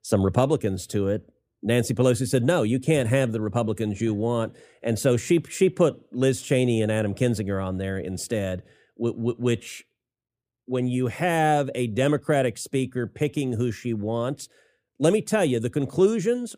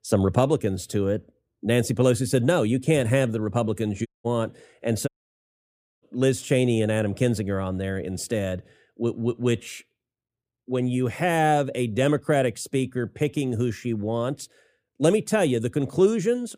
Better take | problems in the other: first | audio cutting out; at 4 s and at 5 s for 1 s

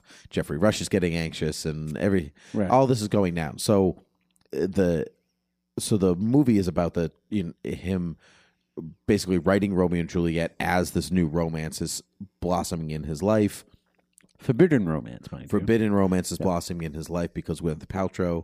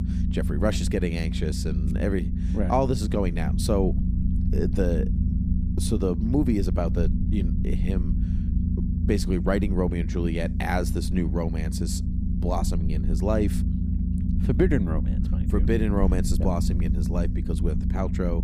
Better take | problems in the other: first | low rumble; loud; throughout; 8 dB below the speech

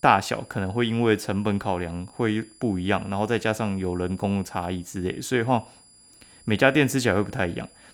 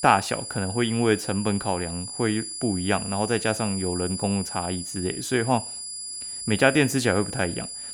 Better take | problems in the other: first | high-pitched whine; loud; throughout; 5 kHz, 7 dB below the speech; faint in the first

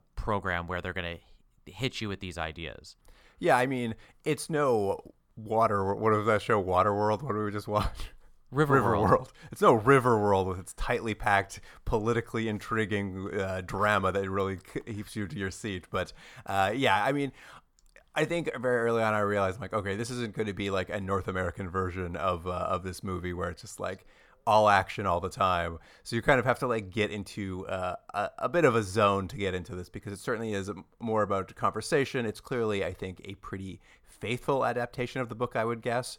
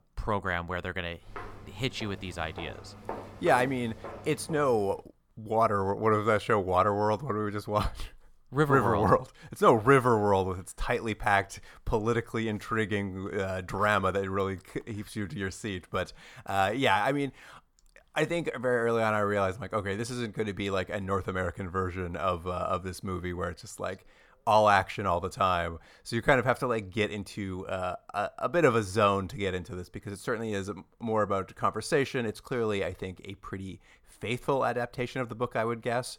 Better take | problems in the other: first | footsteps; faint; from 1 to 5 s; peak 10 dB below the speech

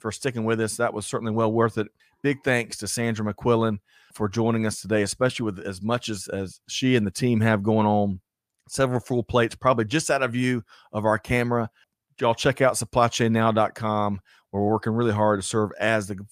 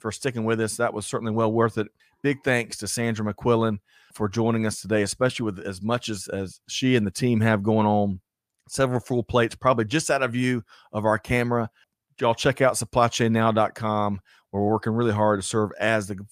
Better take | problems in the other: neither | none

